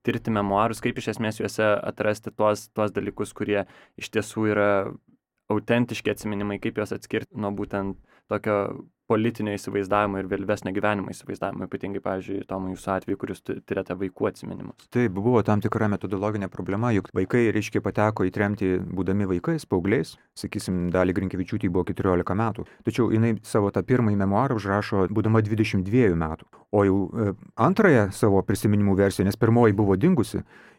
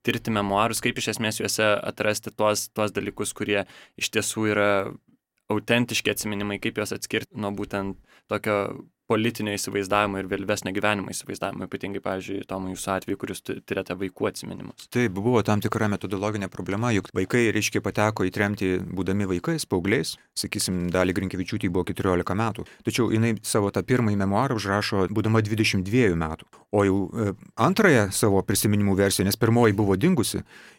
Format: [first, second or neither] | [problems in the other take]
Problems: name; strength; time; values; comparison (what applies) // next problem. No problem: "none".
second | muffled; slightly; fading above 2 kHz